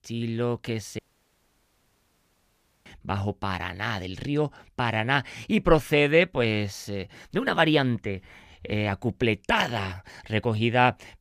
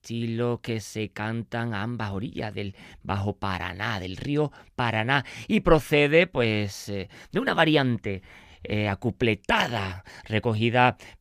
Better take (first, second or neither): second